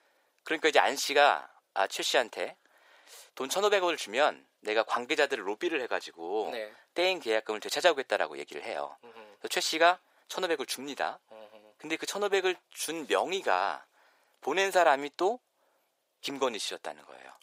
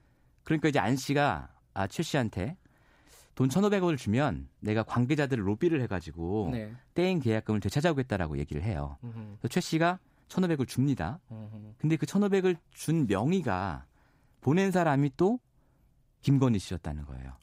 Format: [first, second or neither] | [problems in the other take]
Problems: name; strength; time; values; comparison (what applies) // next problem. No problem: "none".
second | thin; very; fading below 500 Hz